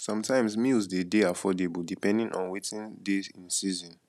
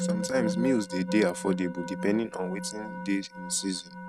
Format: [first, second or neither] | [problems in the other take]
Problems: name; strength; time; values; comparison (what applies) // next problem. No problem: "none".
first | noise reduction (neural mask model RNNoise)